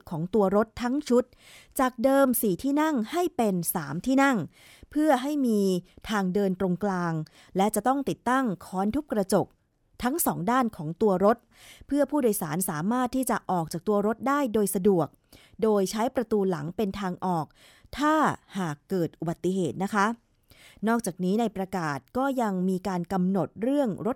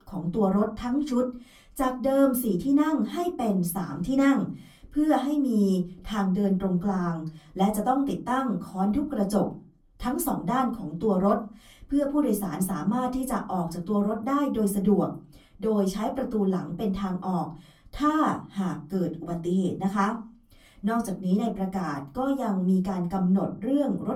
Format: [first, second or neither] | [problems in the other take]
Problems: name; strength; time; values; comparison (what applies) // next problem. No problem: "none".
first | off-mic speech; far // room echo; very slight; dies away in 0.3 s